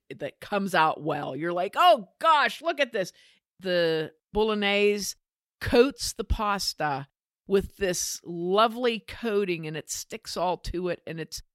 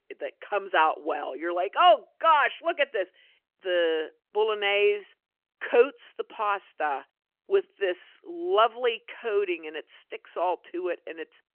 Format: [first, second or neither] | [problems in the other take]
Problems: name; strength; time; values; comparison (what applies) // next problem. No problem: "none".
first | phone-call audio; nothing above 3 kHz